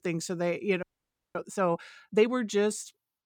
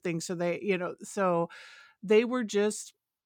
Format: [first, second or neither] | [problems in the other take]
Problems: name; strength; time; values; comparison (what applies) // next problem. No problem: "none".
second | audio freezing; at 1 s for 0.5 s